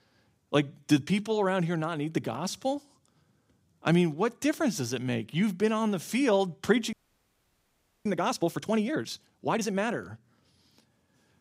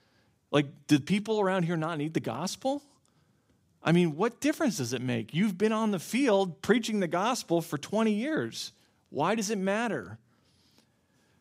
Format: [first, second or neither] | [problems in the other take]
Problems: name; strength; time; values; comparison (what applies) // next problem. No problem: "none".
second | audio freezing; at 7 s for 1 s